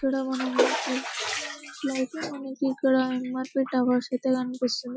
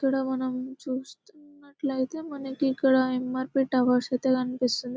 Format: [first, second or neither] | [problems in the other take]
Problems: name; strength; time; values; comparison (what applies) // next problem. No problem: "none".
second | noise reduction (classical method Wiener filter)